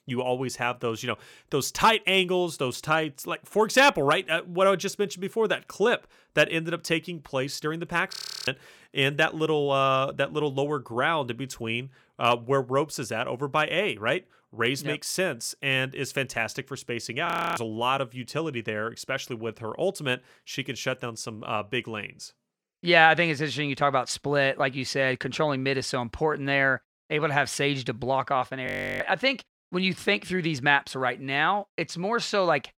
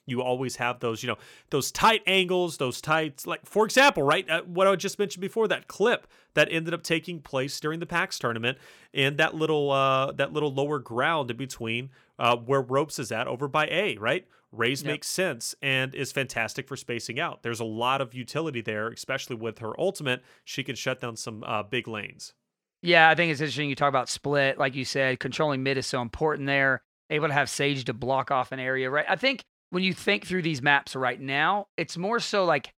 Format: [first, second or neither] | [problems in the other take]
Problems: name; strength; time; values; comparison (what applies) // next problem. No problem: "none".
second | audio freezing; at 8 s, at 17 s and at 29 s